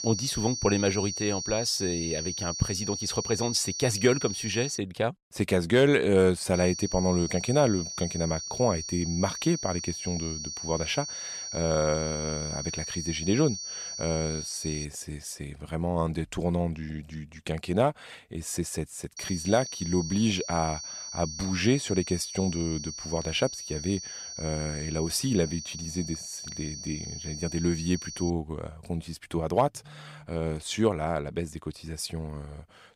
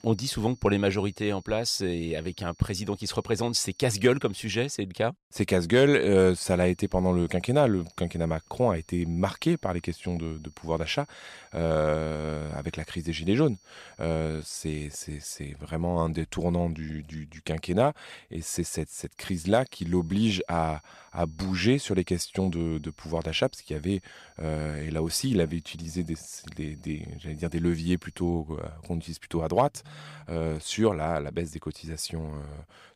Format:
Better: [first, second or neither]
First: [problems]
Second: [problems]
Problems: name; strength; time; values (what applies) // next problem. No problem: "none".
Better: second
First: high-pitched whine; loud; until 5 s, from 6.5 to 15 s and from 19 to 28 s; 6 kHz, 6 dB below the speech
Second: high-pitched whine; faint; until 5 s, from 6.5 to 15 s and from 19 to 28 s; 6 kHz, 30 dB below the speech